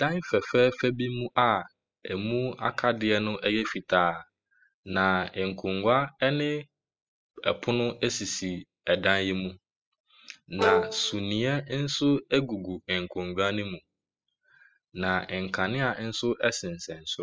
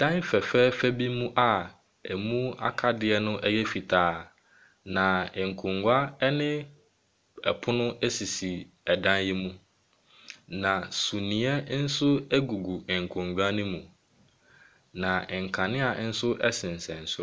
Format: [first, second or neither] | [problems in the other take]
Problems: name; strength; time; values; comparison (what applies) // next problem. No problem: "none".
second | noise reduction (classical method spectral subtraction)